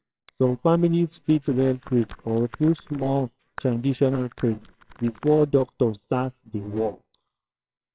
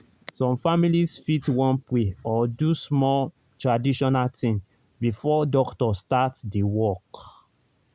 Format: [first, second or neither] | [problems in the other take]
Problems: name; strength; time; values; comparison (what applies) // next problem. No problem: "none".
second | noise reduction (neural separator model SepFormer WHAMR!)